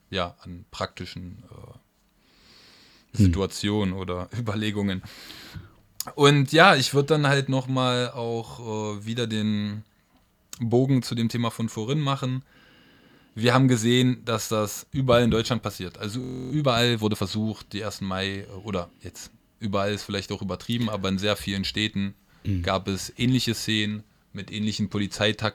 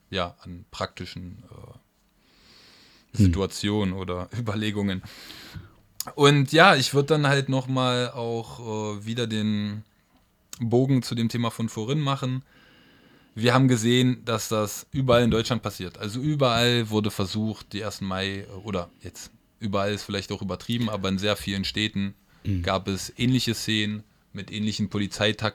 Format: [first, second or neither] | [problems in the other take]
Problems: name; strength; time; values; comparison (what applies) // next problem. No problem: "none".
second | audio freezing; at 16 s